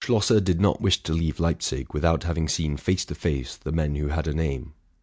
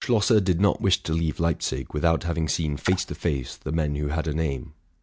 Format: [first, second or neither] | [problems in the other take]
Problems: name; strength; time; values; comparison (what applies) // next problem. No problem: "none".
first | background sound (Splash, splatter); 16 dB below the speech